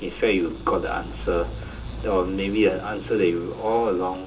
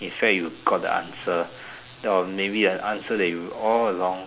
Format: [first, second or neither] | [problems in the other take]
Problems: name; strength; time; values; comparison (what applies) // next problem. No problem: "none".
second | background sound (Rain); 12 dB below the speech // room echo; dies away in 0.2 s